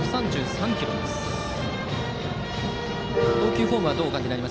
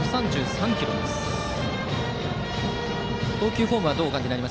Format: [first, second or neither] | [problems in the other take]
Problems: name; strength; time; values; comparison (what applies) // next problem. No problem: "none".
second | background sound (Piano); 5 dB below the speech